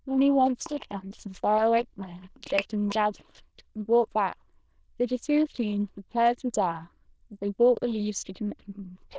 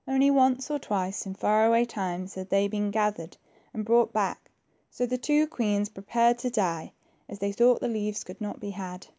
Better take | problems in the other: second | noise reduction (neural diffusion model UNIVERSE++)

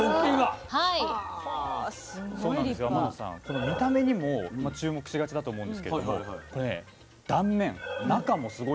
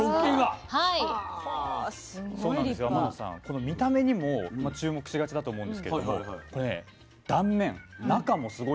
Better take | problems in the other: second | background sound (Breathing); 13 dB below the speech

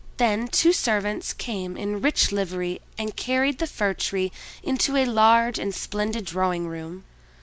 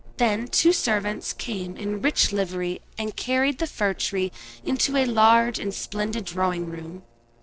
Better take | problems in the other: first | noise reduction (neural separator model SepFormer DNS4)

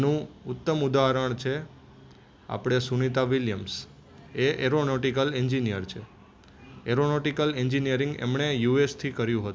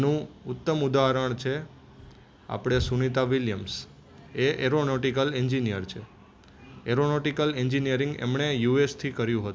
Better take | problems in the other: first | background sound (Breathing); 15 dB below the speech

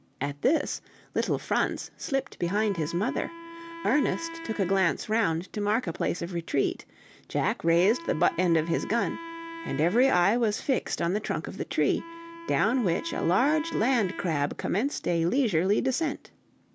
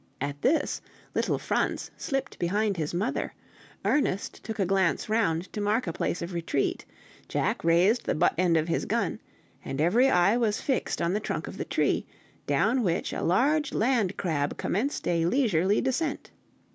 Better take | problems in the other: second | background sound (Wind instrument, woodwind instrument); 14 dB below the speech

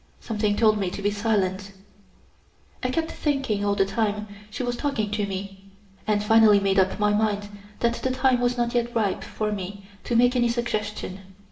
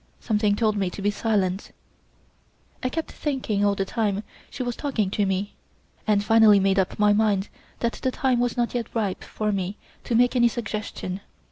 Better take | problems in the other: second | room echo; dies away in 0.6 s

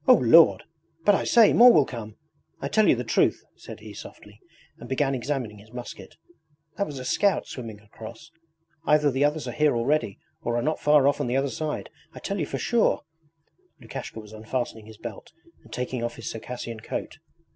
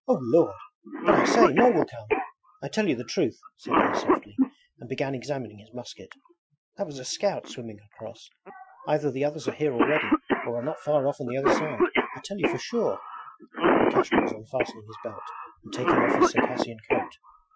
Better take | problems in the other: first | noise reduction (classical method Wiener filter)

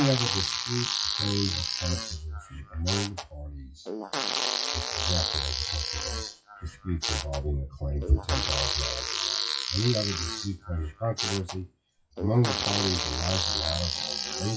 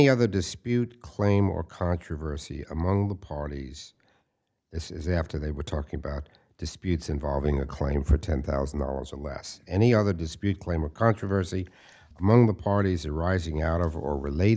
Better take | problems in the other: second | noise reduction (classical method WPE with log-MMSE)

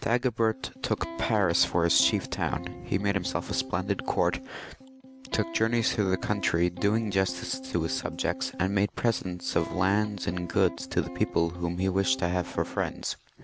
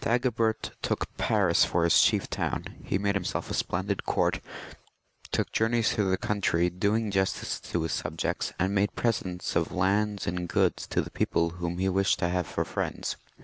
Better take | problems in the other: second | background sound (Electric guitar); 13 dB below the speech

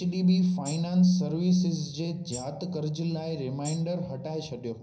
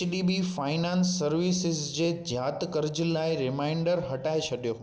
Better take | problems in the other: second | background sound (Tambourine); 19 dB below the speech // room echo; dies away in 0.5 s

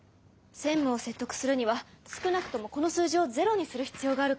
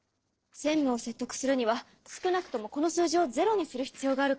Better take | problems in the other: first | noise reduction (neural separator model SepFormer DNS4)

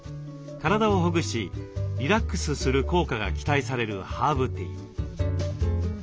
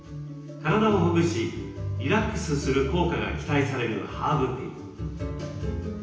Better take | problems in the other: first | room echo; dies away in 0.9 s

